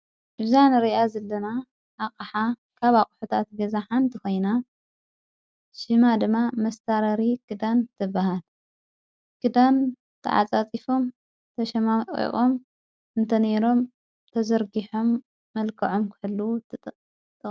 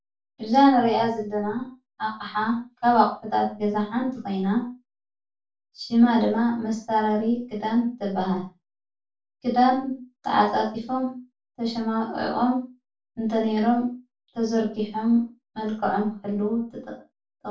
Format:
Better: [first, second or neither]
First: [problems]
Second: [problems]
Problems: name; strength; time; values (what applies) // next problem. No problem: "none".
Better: first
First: none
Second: room echo; dies away in 0.3 s